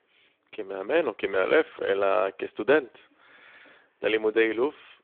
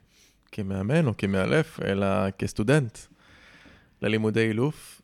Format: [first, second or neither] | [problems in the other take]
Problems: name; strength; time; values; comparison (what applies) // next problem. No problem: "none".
second | phone-call audio